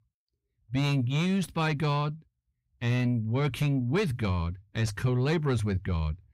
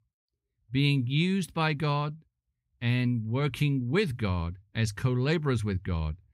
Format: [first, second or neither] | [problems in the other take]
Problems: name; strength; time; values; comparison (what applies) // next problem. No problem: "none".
second | distortion; slight; 10 dB below the speech